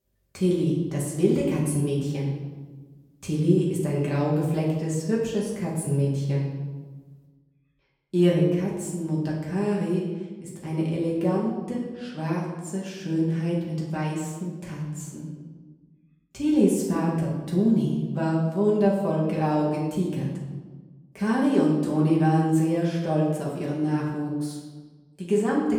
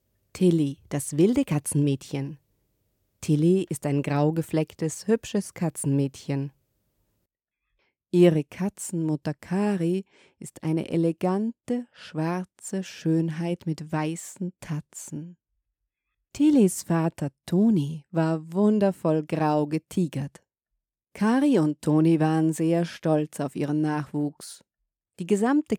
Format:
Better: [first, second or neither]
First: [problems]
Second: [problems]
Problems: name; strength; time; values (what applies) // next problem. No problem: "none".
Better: second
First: off-mic speech; far // room echo; noticeable; dies away in 1.1 s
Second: none